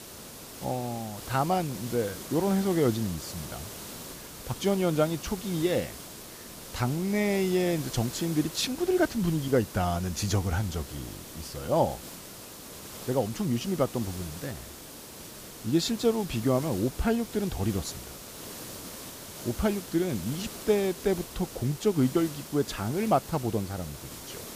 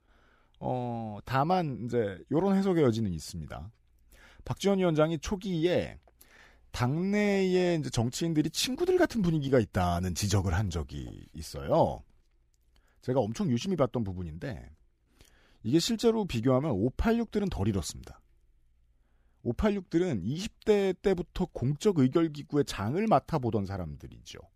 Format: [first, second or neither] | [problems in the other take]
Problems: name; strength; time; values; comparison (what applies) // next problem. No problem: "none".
second | hiss; noticeable; throughout; 10 dB below the speech